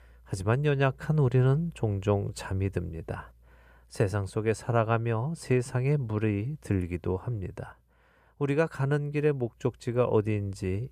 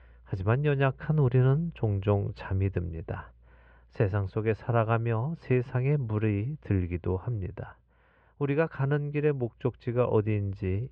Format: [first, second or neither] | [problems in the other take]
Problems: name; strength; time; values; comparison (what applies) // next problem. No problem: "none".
first | muffled; very; fading above 3.5 kHz